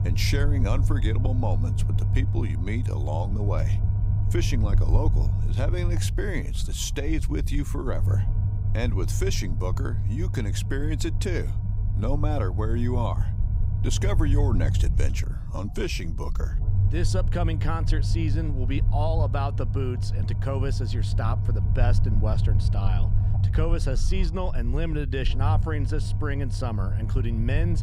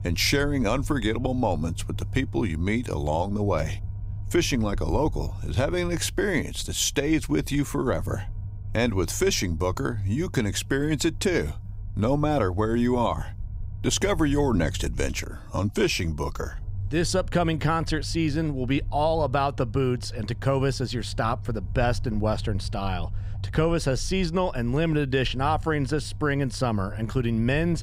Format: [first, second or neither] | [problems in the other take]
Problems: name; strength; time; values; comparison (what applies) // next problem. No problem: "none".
second | low rumble; loud; throughout; 8 dB below the speech; faint in the second